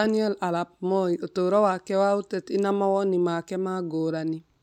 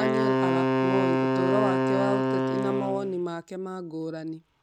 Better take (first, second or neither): first